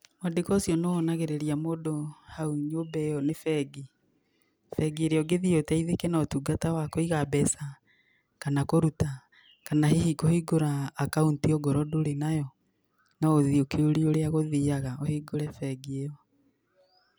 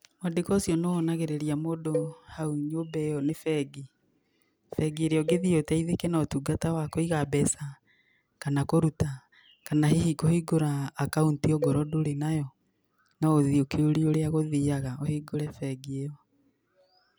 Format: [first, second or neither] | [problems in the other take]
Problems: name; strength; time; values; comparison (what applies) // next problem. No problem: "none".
first | background sound (Cowbell); 11 dB below the speech